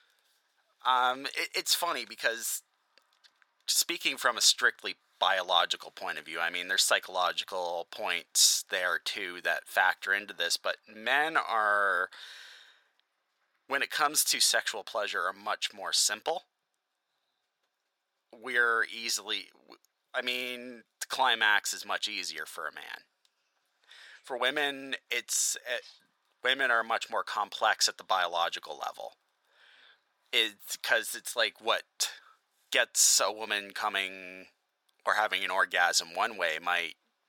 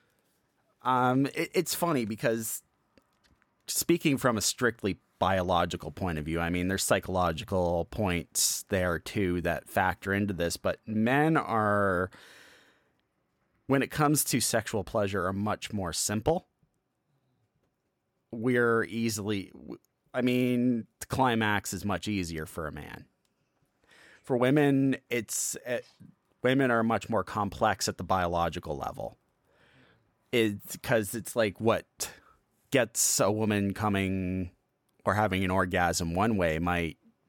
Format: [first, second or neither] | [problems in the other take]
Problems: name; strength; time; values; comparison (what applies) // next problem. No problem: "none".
second | thin; very; fading below 800 Hz